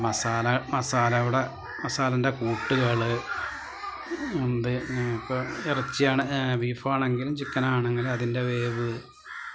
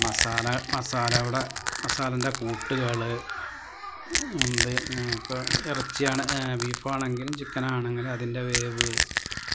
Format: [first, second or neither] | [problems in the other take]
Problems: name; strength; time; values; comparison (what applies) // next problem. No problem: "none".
first | background sound (Crack / Crushing); 2 dB below the speech